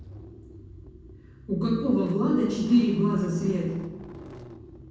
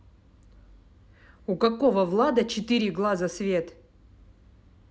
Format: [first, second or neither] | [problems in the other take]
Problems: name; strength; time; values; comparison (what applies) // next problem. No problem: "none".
second | background sound (Engine starting / Car); 16 dB below the speech // room echo; dies away in 1.2 s